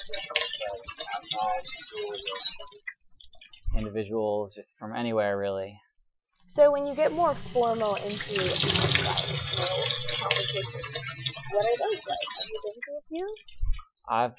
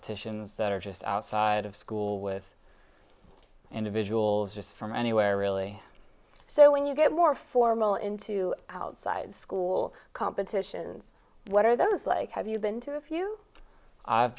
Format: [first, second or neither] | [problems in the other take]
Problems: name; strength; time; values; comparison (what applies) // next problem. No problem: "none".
second | noise reduction (classical method Wiener filter)